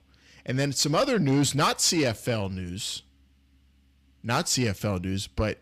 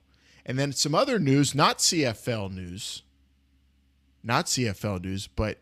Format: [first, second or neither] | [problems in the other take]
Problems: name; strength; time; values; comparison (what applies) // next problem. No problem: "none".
second | distortion; slight; 10 dB below the speech